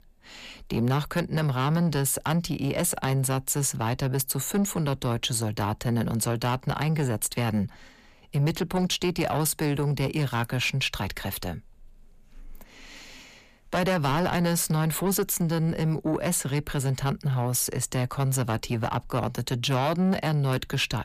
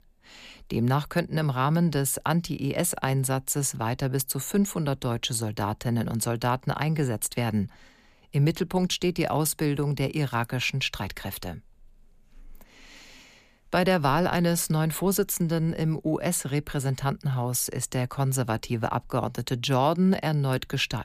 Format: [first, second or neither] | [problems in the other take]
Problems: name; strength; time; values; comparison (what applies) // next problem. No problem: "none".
second | distortion; slight; 10 dB below the speech